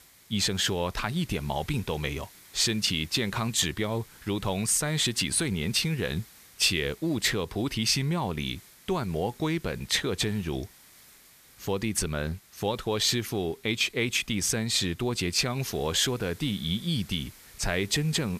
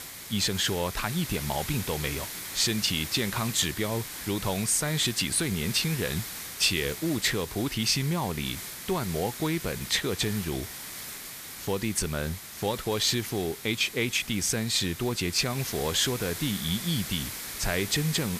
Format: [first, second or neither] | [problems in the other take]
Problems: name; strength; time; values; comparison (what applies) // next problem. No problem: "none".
first | hiss; loud; throughout; 9 dB below the speech; faint in the first